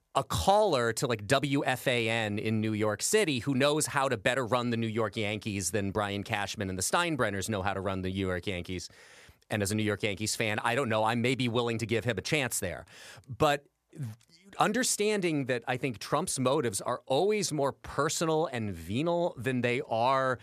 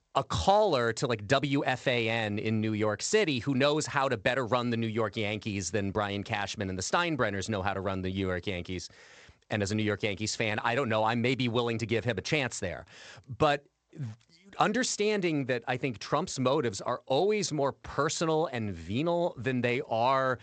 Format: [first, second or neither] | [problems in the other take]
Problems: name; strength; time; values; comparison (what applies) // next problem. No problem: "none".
first | garbled, watery; slightly; nothing above 8 kHz